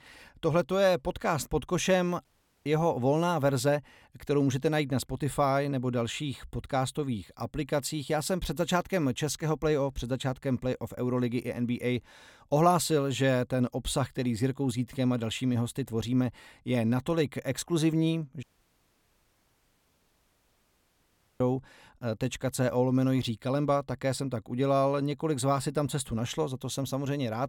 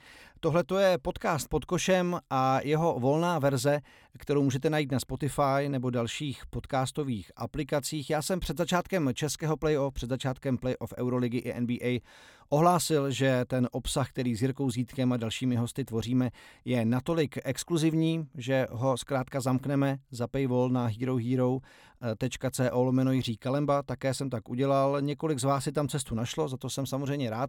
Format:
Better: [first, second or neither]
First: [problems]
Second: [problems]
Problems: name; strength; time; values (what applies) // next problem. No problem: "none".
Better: second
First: audio cutting out; at 2.5 s and at 18 s for 3 s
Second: none